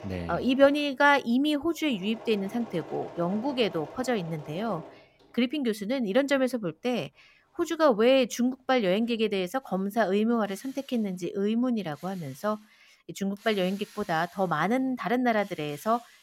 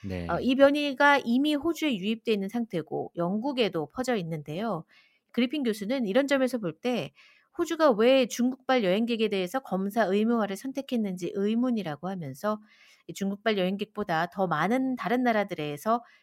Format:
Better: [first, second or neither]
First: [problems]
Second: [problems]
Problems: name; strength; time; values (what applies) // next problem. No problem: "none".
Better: second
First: machinery noise; faint; throughout; 20 dB below the speech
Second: none